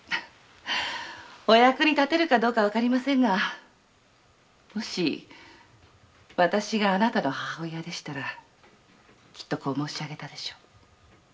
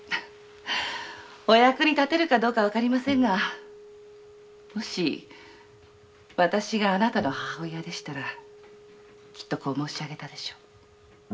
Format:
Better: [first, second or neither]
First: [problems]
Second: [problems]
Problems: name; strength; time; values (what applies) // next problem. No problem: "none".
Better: first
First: none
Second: background sound (Acoustic guitar); 20 dB below the speech